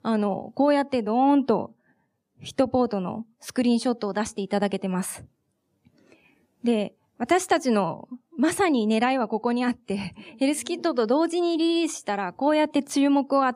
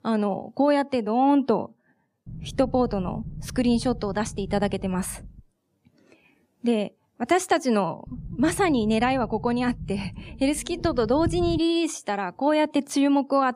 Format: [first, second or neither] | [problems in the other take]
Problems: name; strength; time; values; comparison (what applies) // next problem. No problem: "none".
first | low rumble; faint; from 2.5 to 5.5 s and from 8 to 12 s; 25 dB below the speech